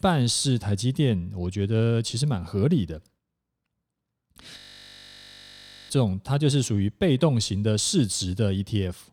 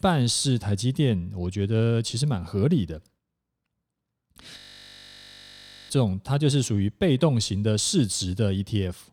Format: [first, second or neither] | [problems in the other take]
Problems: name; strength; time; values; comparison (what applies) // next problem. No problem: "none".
neither | audio freezing; at 4.5 s for 1.5 s; the same in both